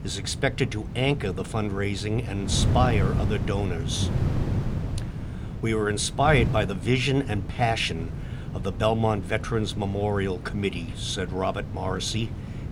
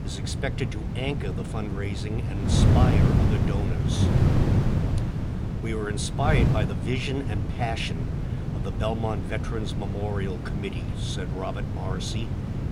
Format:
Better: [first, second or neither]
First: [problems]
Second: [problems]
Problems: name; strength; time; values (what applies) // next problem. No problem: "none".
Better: first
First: wind noise on the microphone; occasional gusts; 15 dB below the speech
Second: wind noise on the microphone; heavy; 2 dB below the speech